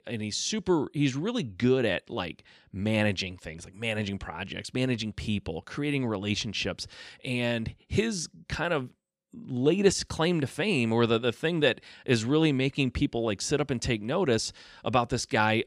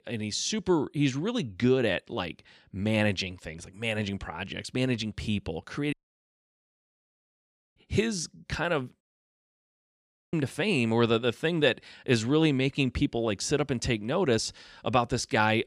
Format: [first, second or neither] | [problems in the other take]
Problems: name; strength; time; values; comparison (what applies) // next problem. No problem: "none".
first | audio cutting out; at 6 s for 2 s and at 9 s for 1.5 s